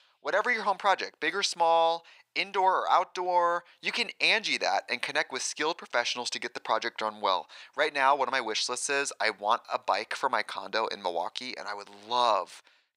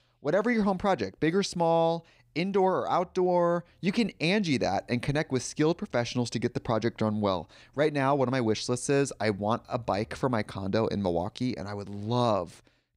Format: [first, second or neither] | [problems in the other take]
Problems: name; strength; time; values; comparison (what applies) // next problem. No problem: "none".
second | thin; very; fading below 750 Hz